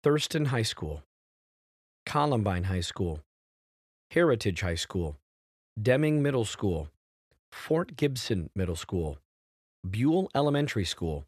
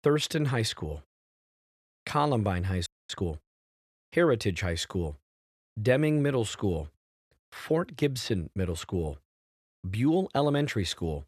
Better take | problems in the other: first | audio freezing; at 3 s

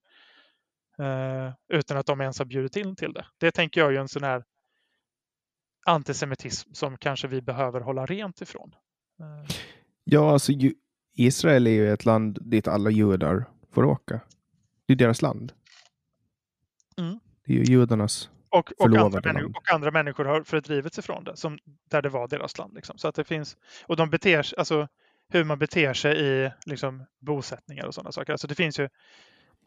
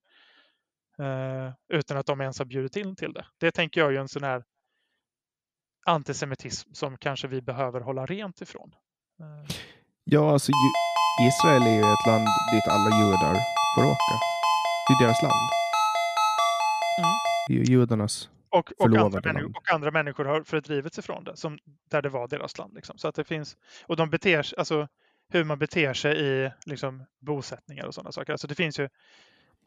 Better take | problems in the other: first | phone ringing; loud; from 11 to 17 s; peak 5 dB above the speech

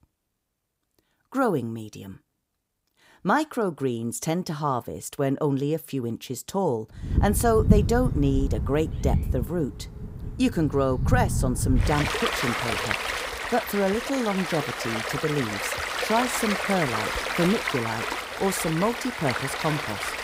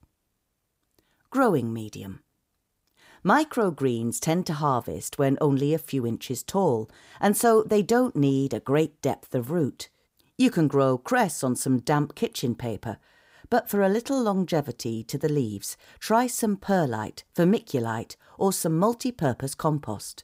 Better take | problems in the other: second | rain or running water; loud; from 7 s on; 1 dB below the speech

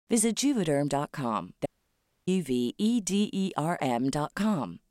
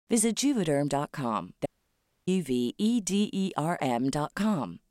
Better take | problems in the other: neither | audio cutting out; at 1.5 s for 0.5 s; the same in both

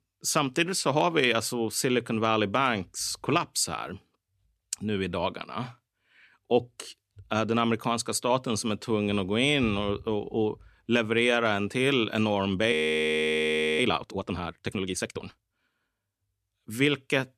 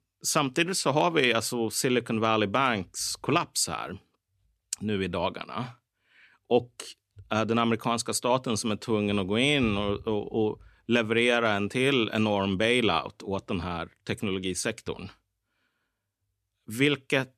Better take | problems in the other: second | audio freezing; at 13 s for 1 s

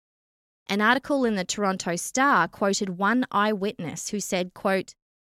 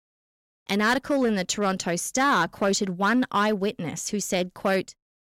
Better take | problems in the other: first | distortion; slight; 4% of the sound clipped

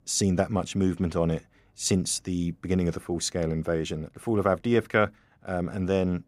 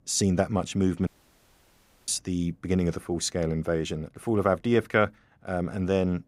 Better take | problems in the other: first | audio cutting out; at 1 s for 1 s

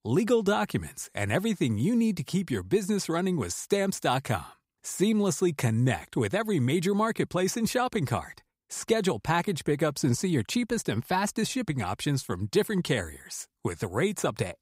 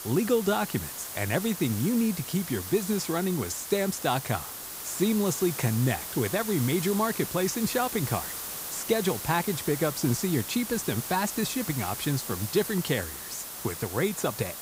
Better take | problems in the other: first | hiss; loud; throughout; 6 dB below the speech

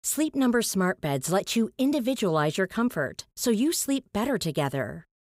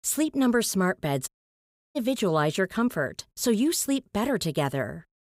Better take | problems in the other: first | audio cutting out; at 1.5 s for 0.5 s

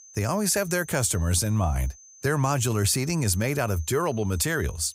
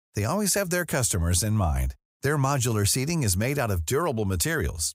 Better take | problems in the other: second | high-pitched whine; faint; throughout; 6 kHz, 20 dB below the speech

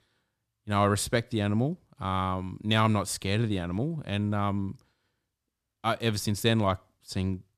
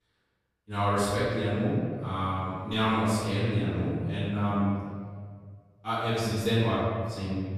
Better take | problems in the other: first | off-mic speech; far // room echo; strong; dies away in 1.7 s

